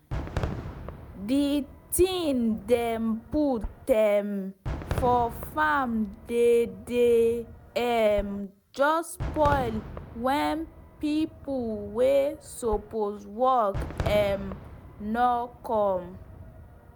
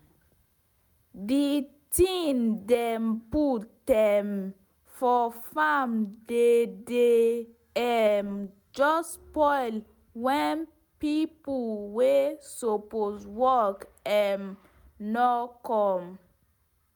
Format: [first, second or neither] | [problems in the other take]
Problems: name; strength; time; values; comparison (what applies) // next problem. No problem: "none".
second | background sound (Fireworks); 11 dB below the speech